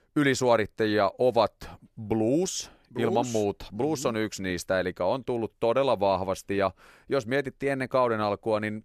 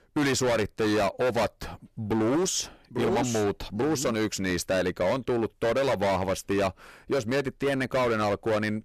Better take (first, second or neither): first